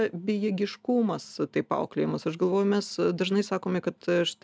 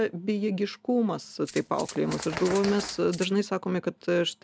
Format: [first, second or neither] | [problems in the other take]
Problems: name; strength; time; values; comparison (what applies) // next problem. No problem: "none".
first | background sound (Rattle (instrument) + Bird); 12 dB below the speech